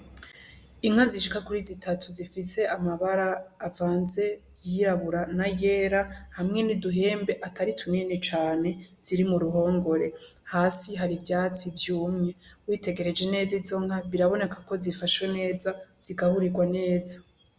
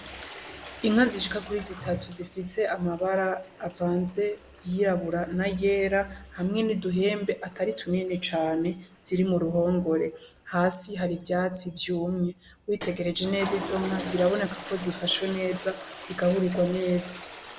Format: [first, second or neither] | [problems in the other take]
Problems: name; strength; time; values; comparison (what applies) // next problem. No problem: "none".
first | background sound (Toilet flush); 15 dB below the speech